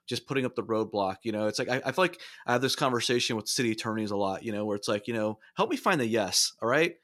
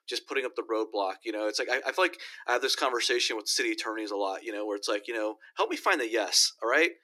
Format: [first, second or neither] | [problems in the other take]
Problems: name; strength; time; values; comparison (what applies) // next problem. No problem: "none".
first | thin; somewhat; fading below 300 Hz